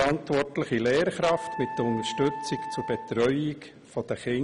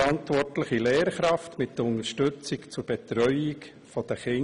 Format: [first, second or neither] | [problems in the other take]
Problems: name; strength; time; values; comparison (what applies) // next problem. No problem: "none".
second | background sound (Wind instrument, woodwind instrument); 11 dB below the speech